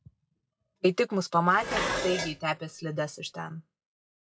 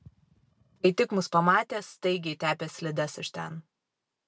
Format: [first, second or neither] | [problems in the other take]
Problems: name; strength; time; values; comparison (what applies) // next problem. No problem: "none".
second | noise reduction (classical method log-MMSE)